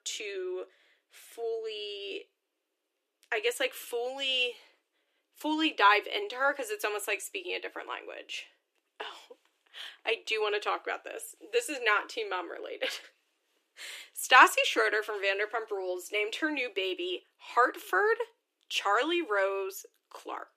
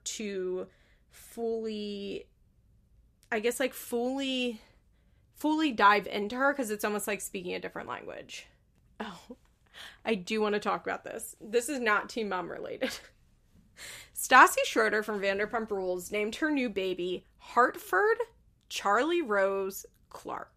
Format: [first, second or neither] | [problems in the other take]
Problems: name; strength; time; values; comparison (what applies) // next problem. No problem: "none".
second | thin; somewhat; fading below 300 Hz